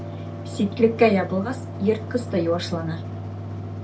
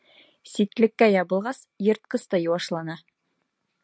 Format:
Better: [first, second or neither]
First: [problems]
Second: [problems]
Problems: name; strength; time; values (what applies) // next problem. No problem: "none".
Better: second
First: background sound (Mechanical fan); 8 dB below the speech // room echo; dies away in 0.2 s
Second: none